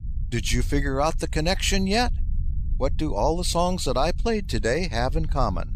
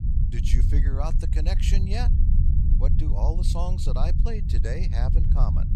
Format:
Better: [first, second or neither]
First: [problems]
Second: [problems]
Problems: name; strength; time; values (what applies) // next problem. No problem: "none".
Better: first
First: low rumble; faint; throughout; 25 dB below the speech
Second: low rumble; loud; throughout; 5 dB below the speech